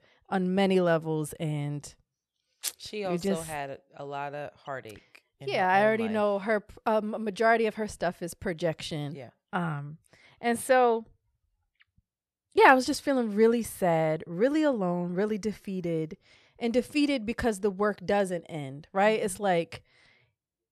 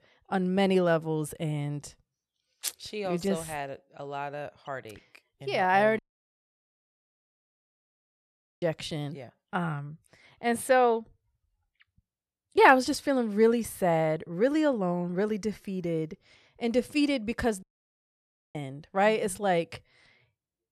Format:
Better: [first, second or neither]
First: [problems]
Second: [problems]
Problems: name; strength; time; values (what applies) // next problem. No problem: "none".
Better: first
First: none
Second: audio cutting out; at 6 s for 2.5 s and at 18 s for 1 s